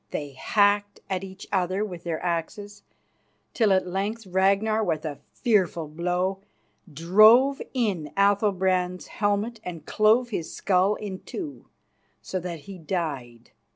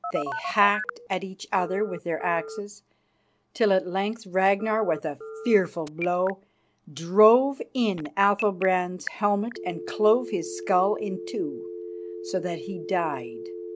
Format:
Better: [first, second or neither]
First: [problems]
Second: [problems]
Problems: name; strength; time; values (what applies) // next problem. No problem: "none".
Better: first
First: none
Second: background sound (Telephone); 12 dB below the speech